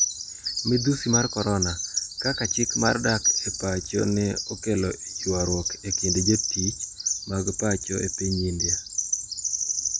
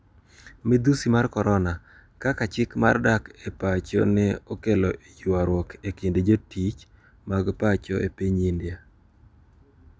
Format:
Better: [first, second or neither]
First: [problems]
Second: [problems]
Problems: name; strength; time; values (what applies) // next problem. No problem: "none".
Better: second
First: background sound (Bird vocalization, bird call, bird song); 2 dB below the speech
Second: none